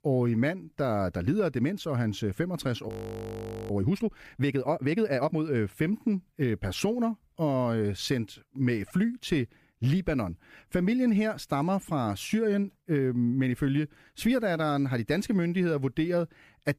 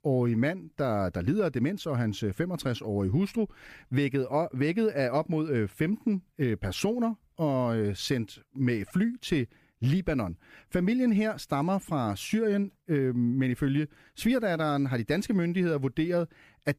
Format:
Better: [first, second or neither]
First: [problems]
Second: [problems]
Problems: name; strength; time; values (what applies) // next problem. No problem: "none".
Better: second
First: audio freezing; at 3 s for 1 s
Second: none